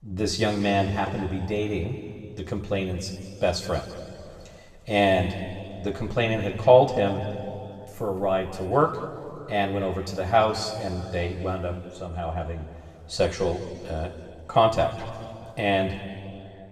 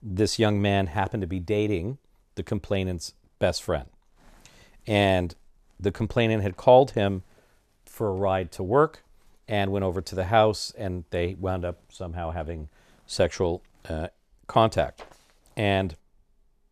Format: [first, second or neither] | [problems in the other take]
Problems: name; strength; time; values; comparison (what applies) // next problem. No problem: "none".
second | room echo; noticeable; dies away in 2.1 s // off-mic speech; somewhat distant